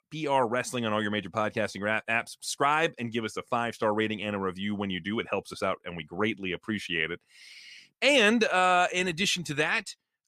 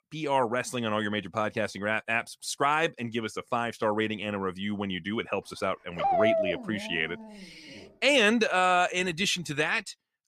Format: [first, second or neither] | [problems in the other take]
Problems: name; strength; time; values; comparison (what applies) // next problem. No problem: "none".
first | dog barking; loud; from 6 to 7 s; peak 3 dB above the speech